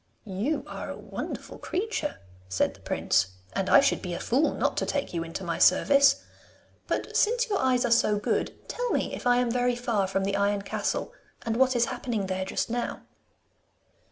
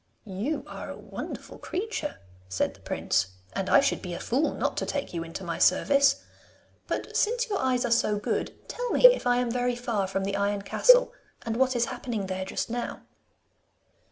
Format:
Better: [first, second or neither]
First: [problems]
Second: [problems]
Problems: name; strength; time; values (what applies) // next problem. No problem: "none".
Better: first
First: none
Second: background sound (Cowbell); 2 dB above the speech